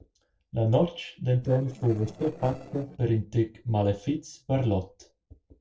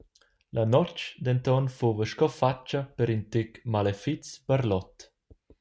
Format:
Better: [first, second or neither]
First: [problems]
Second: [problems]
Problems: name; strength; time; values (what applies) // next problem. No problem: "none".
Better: second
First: noise reduction (neural separator model SepFormer DNS4)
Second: none